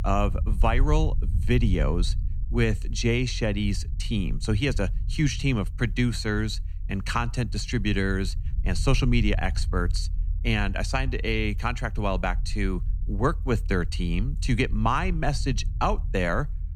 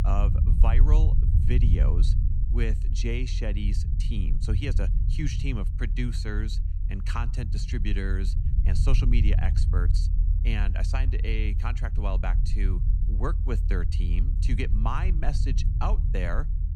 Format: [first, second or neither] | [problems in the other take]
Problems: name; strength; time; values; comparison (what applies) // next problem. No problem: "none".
first | low rumble; loud; throughout; 7 dB below the speech; faint in the first